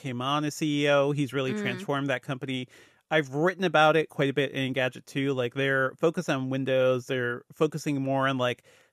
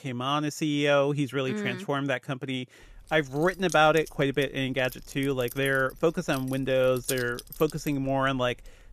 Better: first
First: none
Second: jangling keys; noticeable; from 3 s on; peak 8 dB below the speech

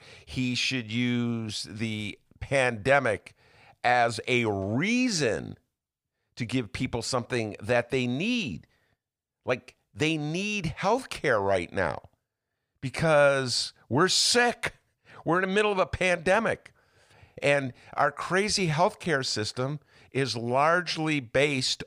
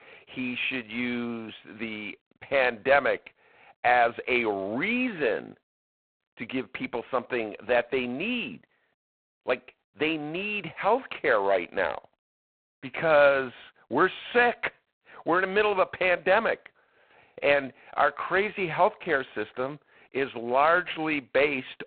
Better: first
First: none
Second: phone-call audio; poor line; nothing above 4 kHz

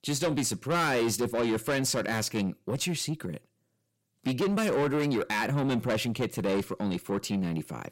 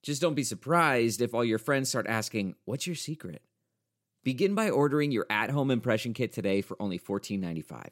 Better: second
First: distortion; heavy; 7 dB below the speech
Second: none

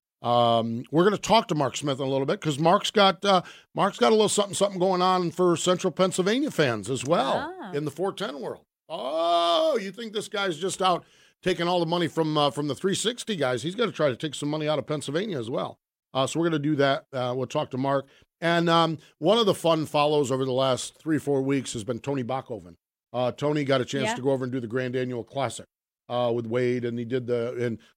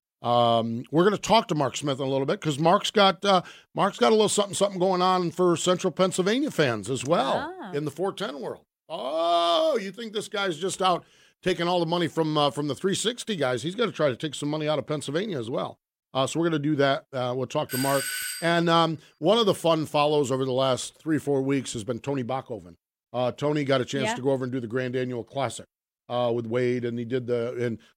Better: first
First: none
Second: doorbell; noticeable; at 18 s; peak 3 dB below the speech

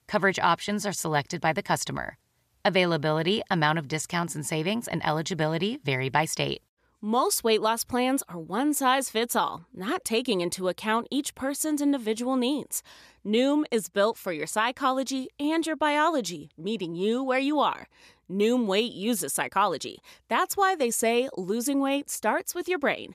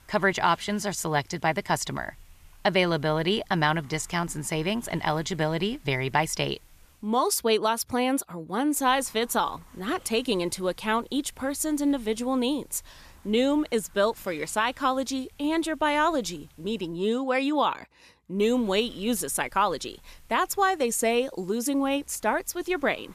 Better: first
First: none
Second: hiss; faint; until 7 s, from 9 to 17 s and from 18 s on; 30 dB below the speech

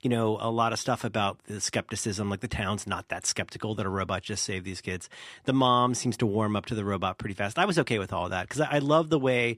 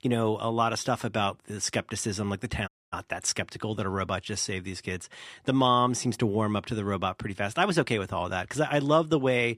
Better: first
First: none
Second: audio cutting out; at 2.5 s

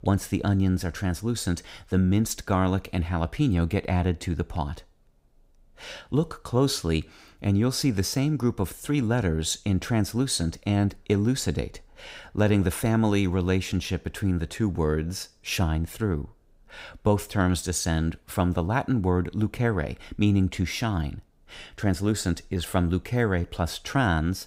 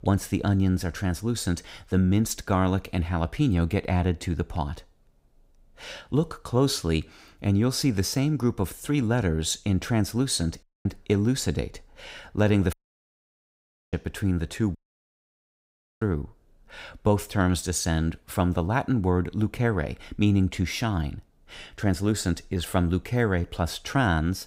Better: first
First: none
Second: audio cutting out; at 11 s, at 13 s for 1 s and at 15 s for 1.5 s

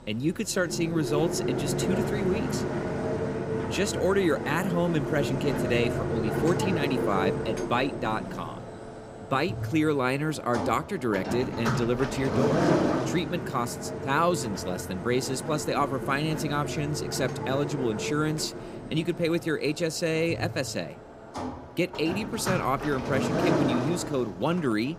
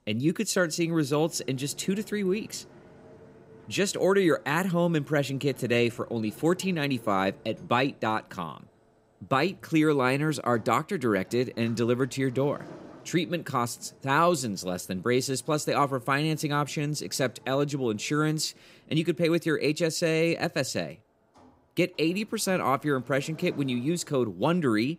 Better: second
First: household noises; loud; throughout; 3 dB below the speech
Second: household noises; faint; throughout; 25 dB below the speech

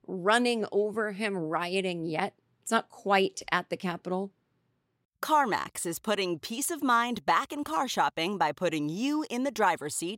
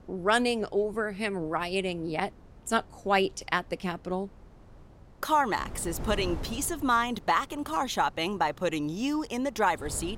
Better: first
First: none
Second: wind noise on the microphone; occasional gusts; 25 dB below the speech

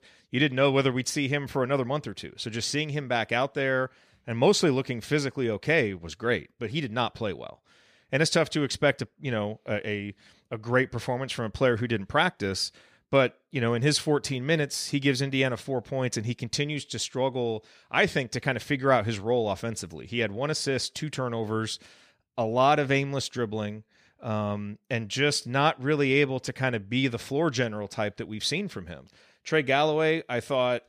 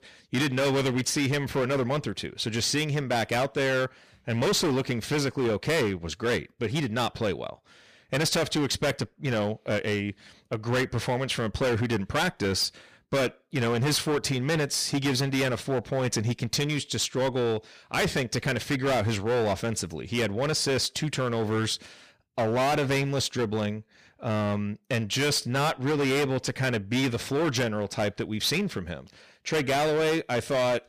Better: first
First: none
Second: distortion; heavy; 18% of the sound clipped

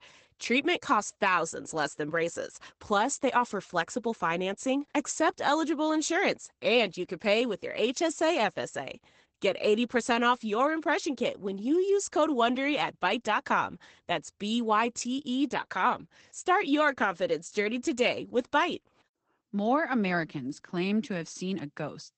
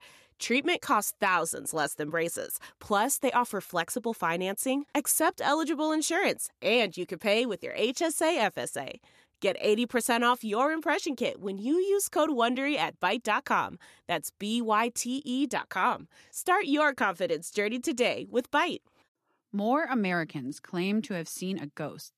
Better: second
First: garbled, watery; badly; nothing above 8 kHz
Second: none

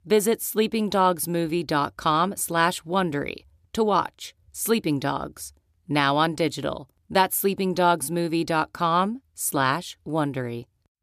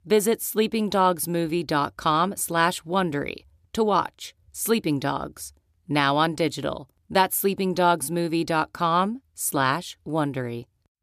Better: neither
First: none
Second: none

